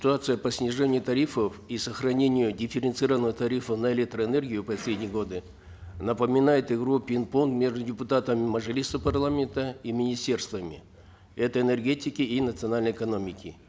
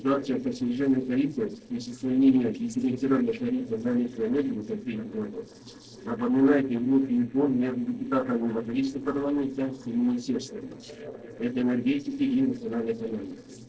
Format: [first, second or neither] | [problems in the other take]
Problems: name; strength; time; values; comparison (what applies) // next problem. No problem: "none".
first | noise reduction (neural separator model SepFormer DNS4)